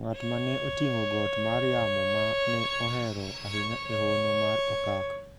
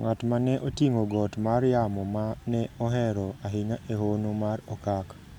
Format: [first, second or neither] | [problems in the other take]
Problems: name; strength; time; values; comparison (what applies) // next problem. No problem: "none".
second | background sound (Bowed string instrument); 2 dB above the speech